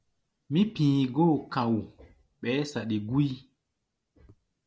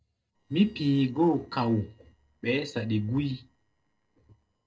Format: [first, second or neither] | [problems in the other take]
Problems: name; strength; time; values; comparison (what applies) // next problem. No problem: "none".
first | noise reduction (neural separator model SepFormer DNS4)